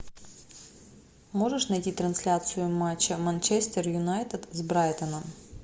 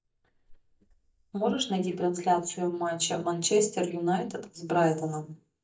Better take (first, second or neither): first